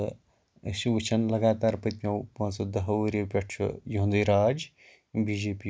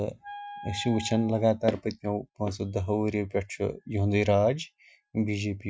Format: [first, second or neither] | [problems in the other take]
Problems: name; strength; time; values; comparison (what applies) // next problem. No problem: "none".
first | noise reduction (classical method Wiener filter)